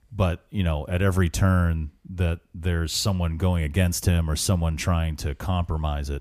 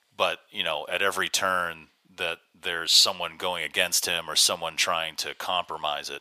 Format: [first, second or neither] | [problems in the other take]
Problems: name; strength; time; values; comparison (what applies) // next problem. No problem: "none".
first | thin; very; fading below 750 Hz